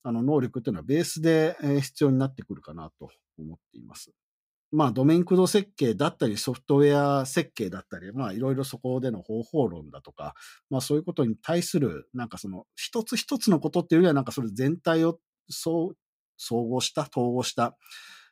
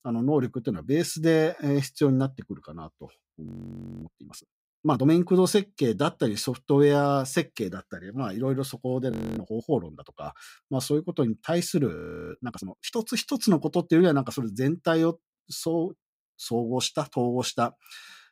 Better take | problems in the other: first | audio freezing; at 3.5 s for 0.5 s, at 9 s and at 12 s

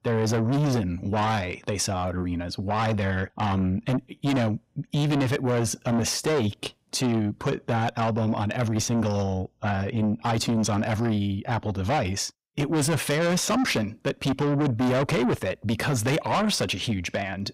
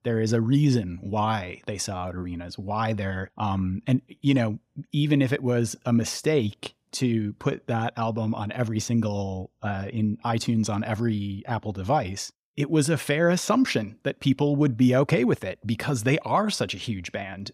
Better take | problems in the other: second | distortion; heavy; 6 dB below the speech

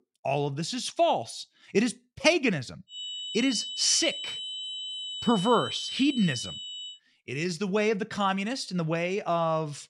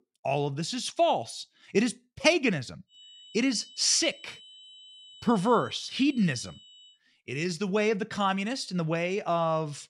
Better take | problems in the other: second | high-pitched whine; loud; from 3 to 7 s; 3 kHz, 7 dB below the speech; faint in the second

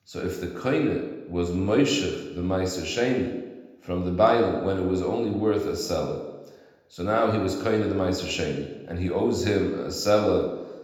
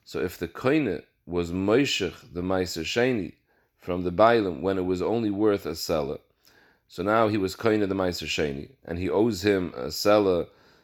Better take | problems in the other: second | room echo; noticeable; dies away in 0.9 s // off-mic speech; somewhat distant

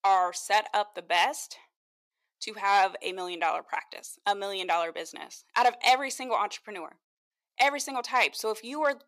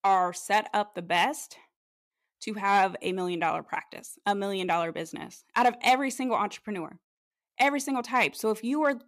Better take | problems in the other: second | thin; somewhat; fading below 550 Hz

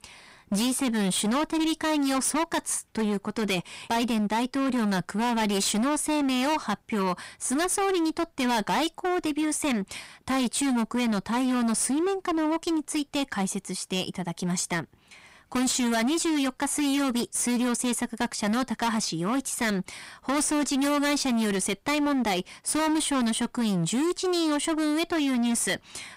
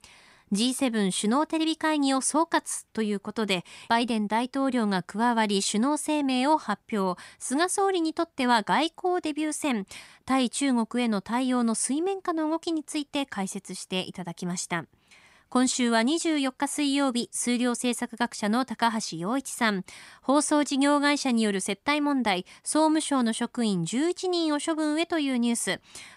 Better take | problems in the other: second | distortion; heavy; 26% of the sound clipped

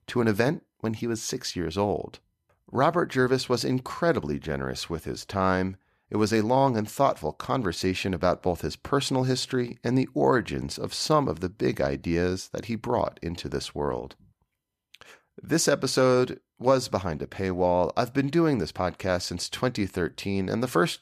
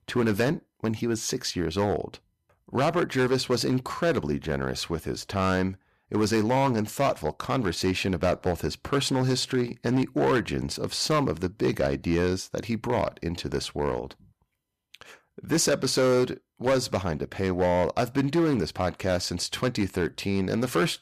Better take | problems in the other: first | distortion; slight; 6% of the sound clipped

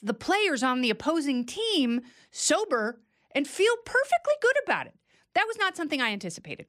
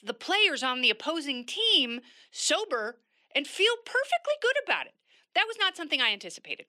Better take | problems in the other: first | thin; very slightly; fading below 400 Hz

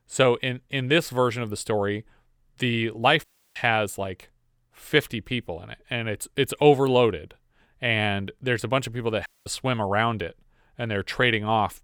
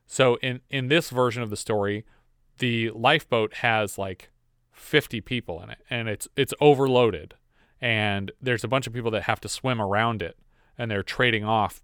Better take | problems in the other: second | audio cutting out; at 3 s and at 9.5 s

